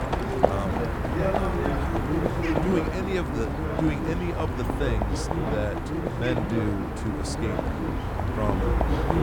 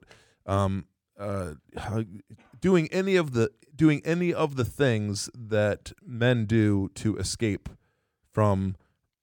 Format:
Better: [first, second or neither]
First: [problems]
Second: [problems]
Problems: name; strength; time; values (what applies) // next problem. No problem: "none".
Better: second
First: animal sounds; very loud; throughout; 4 dB above the speech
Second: none